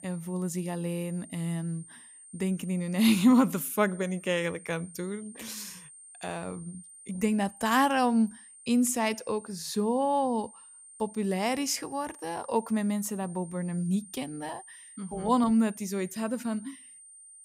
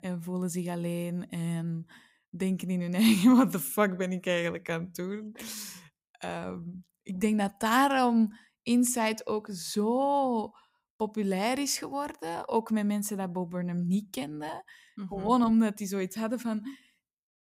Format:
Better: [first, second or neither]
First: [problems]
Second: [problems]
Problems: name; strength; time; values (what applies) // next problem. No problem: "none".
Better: second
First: high-pitched whine; noticeable; throughout; 8.5 kHz, 20 dB below the speech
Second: none